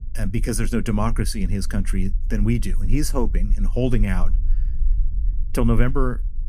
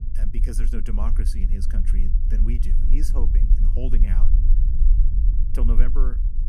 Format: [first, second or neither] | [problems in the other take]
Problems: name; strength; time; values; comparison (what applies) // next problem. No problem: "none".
first | low rumble; loud; throughout; 5 dB below the speech; faint in the first